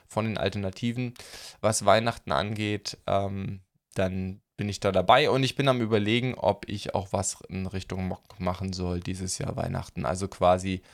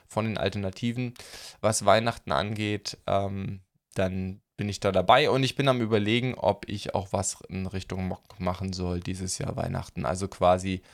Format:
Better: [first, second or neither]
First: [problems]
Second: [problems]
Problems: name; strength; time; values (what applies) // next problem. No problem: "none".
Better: neither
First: none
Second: none